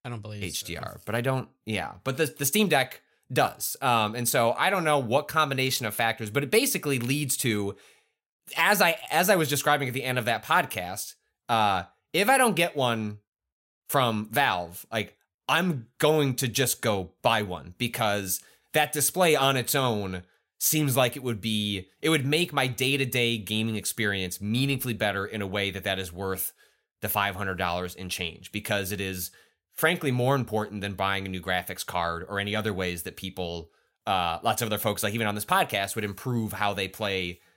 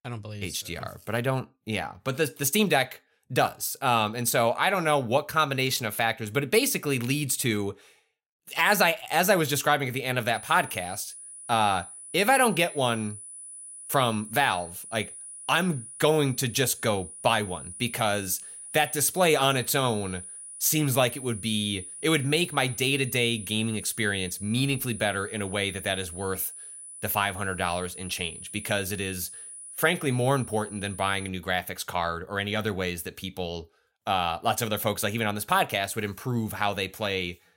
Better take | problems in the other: first | high-pitched whine; noticeable; from 10 to 31 s; 10 kHz, 15 dB below the speech

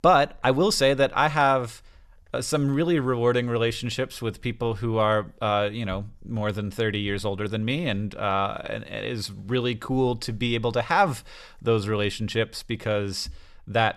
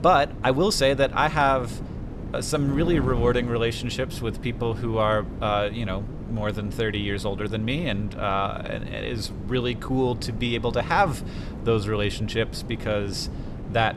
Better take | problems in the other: first | wind noise on the microphone; occasional gusts; 15 dB below the speech

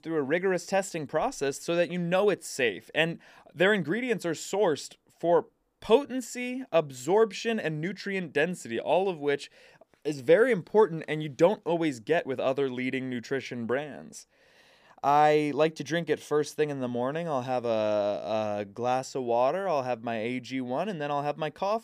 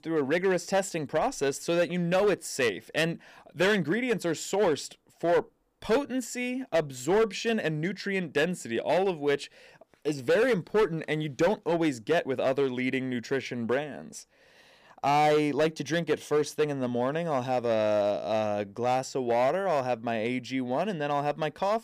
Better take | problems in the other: first | distortion; slight; 6% of the sound clipped

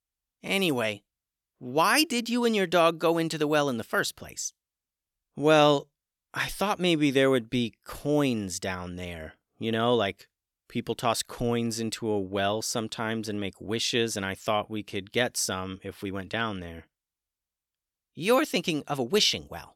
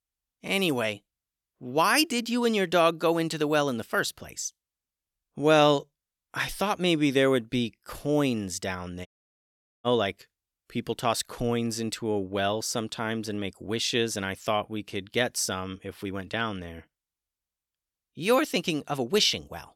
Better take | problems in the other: first | audio cutting out; at 9 s for 1 s

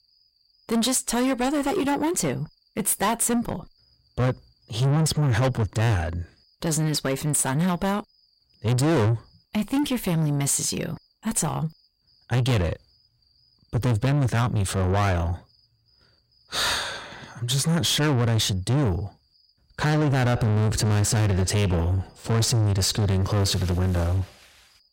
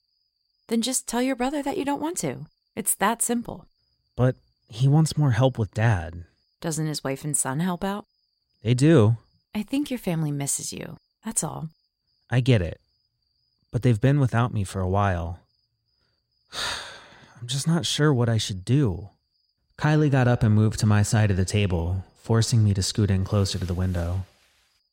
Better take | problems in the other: second | distortion; heavy; 6 dB below the speech

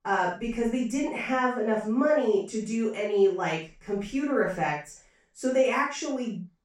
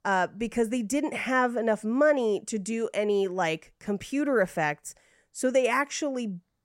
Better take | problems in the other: second | room echo; noticeable; dies away in 0.3 s // off-mic speech; far

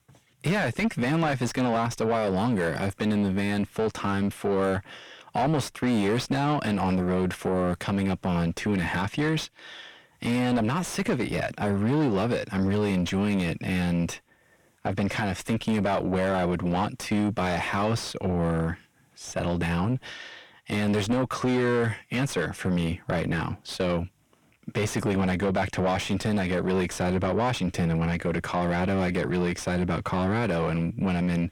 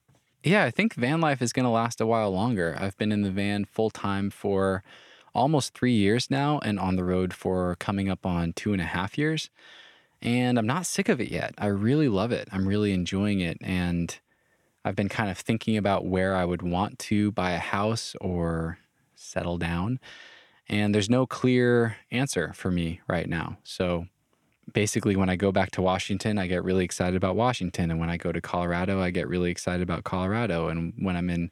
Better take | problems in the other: second | distortion; heavy; 7 dB below the speech

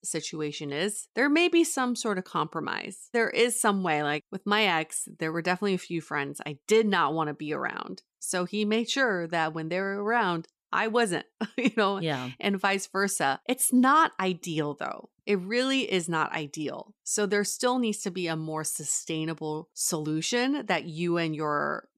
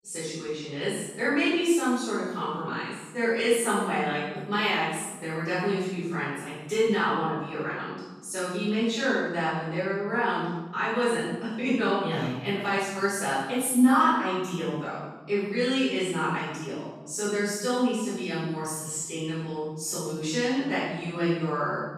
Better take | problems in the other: first | off-mic speech; far // room echo; strong; dies away in 1 s

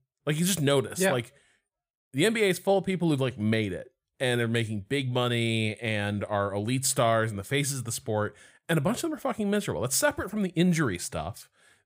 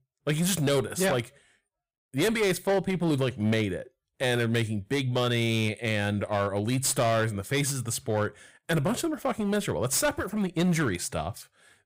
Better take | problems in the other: first | distortion; slight; 10% of the sound clipped

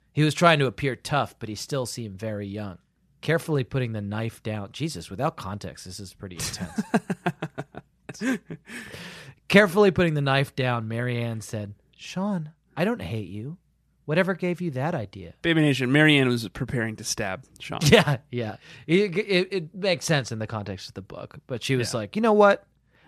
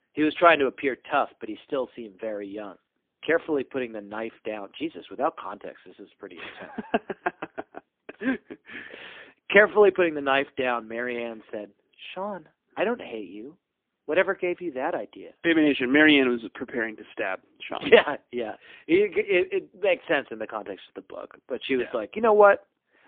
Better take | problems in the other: first | phone-call audio; poor line; nothing above 3.5 kHz

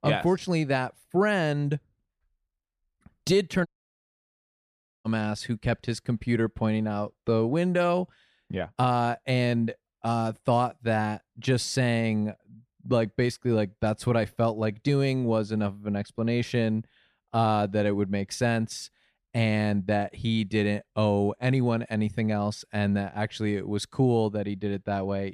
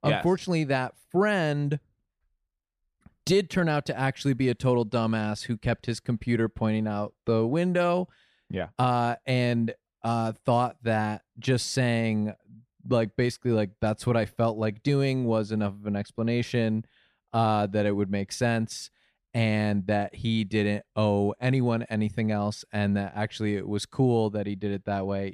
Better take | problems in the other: second | audio cutting out; at 3.5 s for 1.5 s

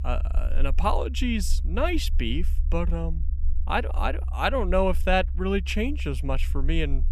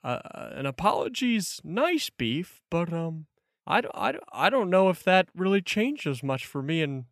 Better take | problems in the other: second | low rumble; faint; throughout; 20 dB below the speech

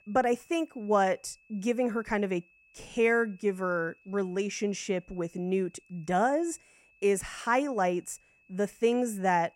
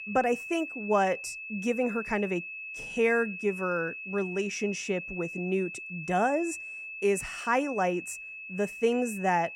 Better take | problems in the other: first | high-pitched whine; loud; throughout; 2.5 kHz, 8 dB below the speech; faint in the first

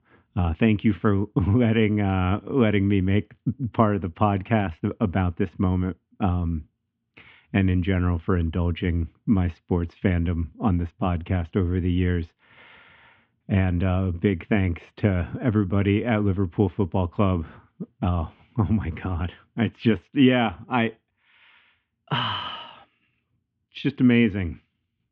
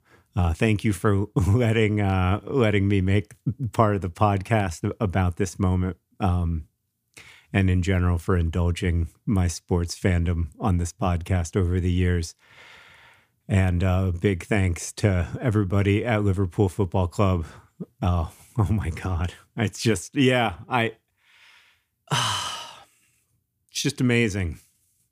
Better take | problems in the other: second | muffled; very; fading above 3 kHz

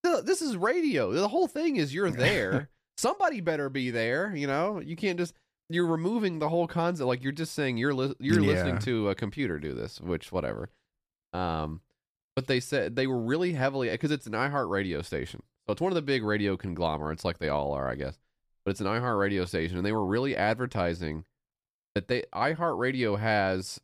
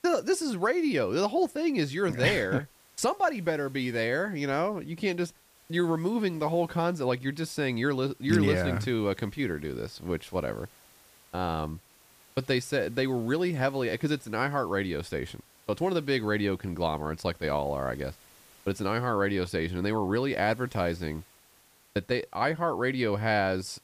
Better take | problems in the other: first | hiss; faint; throughout; 25 dB below the speech

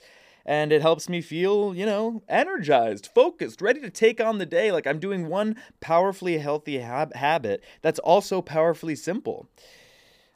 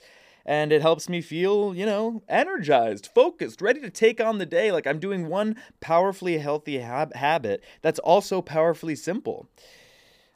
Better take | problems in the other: neither | none

